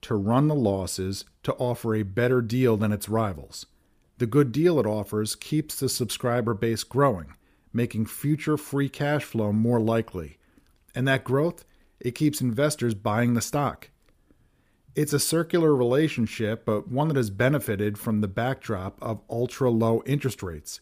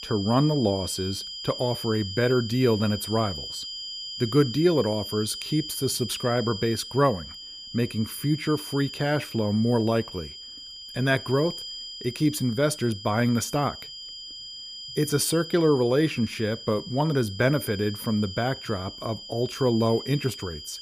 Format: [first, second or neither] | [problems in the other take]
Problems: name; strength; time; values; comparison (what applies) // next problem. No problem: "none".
first | high-pitched whine; loud; throughout; 5 kHz, 10 dB below the speech